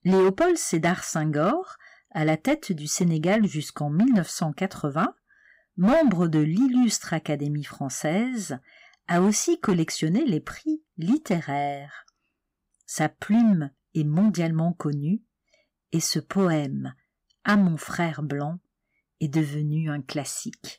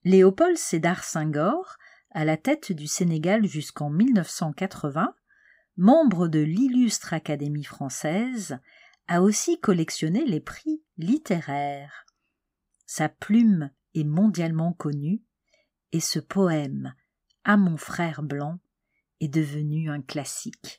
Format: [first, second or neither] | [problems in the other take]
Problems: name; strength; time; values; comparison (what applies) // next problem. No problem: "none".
second | distortion; slight; 4% of the sound clipped